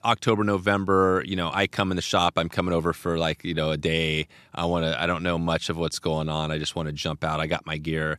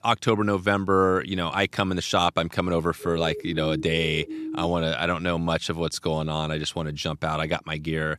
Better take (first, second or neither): first